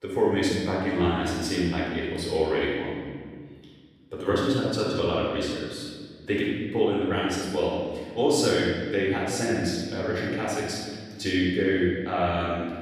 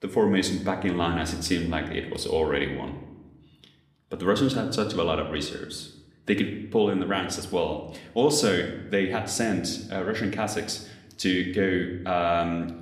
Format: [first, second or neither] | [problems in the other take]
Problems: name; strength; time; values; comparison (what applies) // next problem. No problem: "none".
second | room echo; strong; dies away in 1.8 s; slight in the second // off-mic speech; far